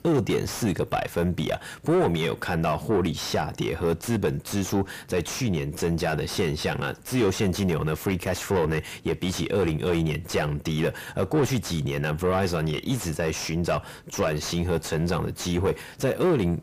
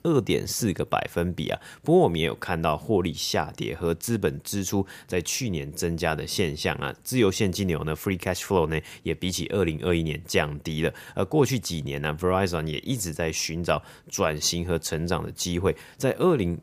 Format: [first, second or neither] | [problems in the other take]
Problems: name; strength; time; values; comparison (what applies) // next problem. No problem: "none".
second | distortion; heavy; 7 dB below the speech